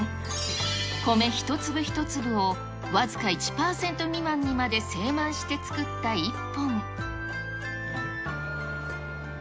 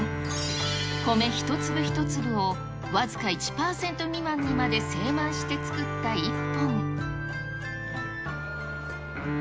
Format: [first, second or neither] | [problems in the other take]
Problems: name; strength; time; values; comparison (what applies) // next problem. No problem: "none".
first | background sound (Bowed string instrument); 4 dB below the speech